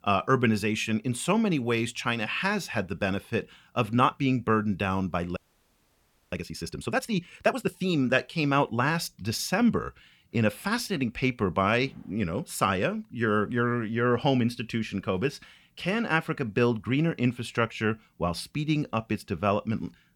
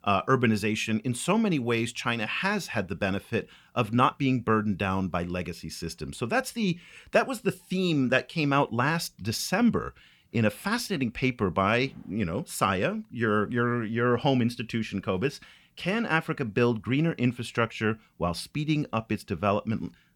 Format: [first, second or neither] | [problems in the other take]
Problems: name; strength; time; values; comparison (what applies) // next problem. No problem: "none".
second | audio freezing; at 5.5 s for 1 s